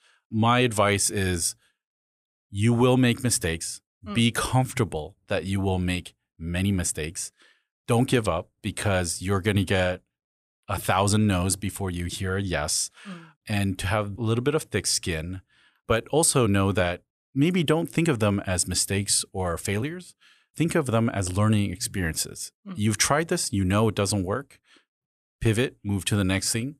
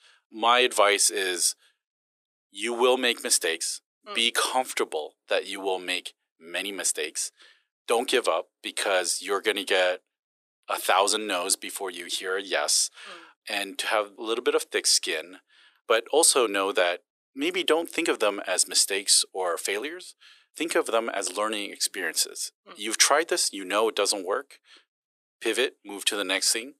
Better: first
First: none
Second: thin; very; fading below 350 Hz

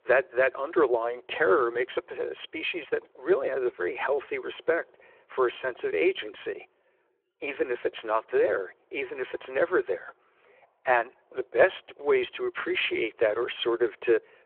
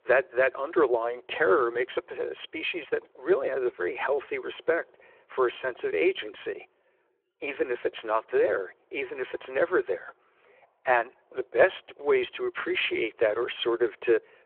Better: neither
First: phone-call audio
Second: phone-call audio

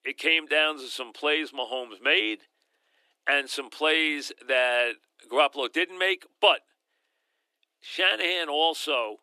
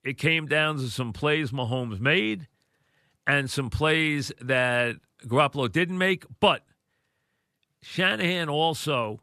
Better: second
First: thin; very; fading below 300 Hz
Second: none

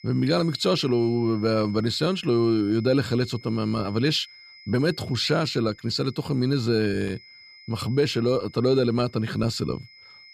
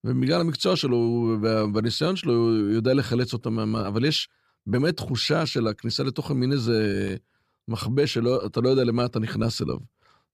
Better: second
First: high-pitched whine; faint; throughout; 2 kHz, 25 dB below the speech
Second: none

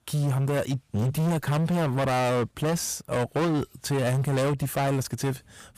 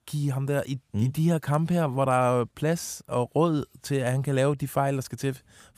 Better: second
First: distortion; heavy; 26% of the sound clipped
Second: none

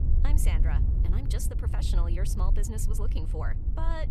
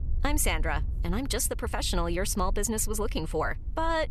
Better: second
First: wind noise on the microphone; heavy; 5 dB below the speech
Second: wind noise on the microphone; occasional gusts; 25 dB below the speech

